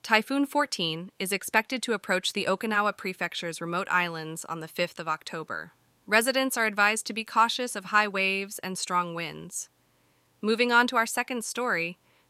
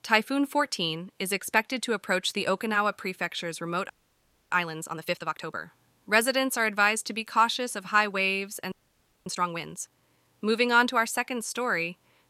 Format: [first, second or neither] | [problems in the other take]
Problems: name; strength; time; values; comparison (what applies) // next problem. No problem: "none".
first | audio freezing; at 4 s for 0.5 s and at 8.5 s for 0.5 s